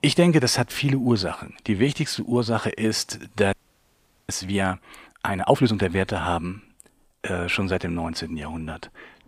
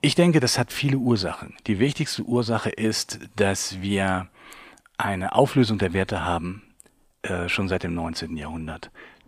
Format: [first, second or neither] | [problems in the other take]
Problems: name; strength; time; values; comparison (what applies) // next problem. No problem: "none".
second | audio freezing; at 3.5 s for 1 s